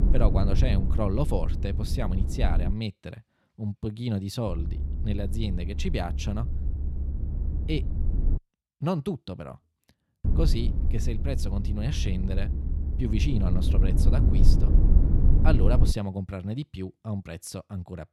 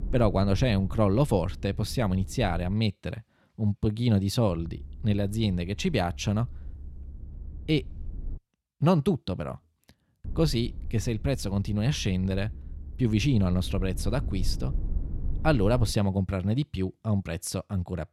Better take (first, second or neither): second